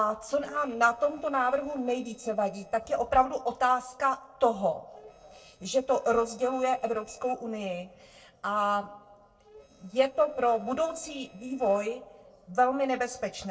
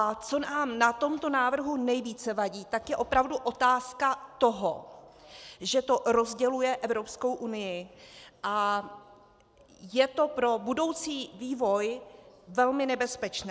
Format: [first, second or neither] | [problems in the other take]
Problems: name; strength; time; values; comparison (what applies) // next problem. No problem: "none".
second | noise reduction (neural separator model SepFormer DNS4)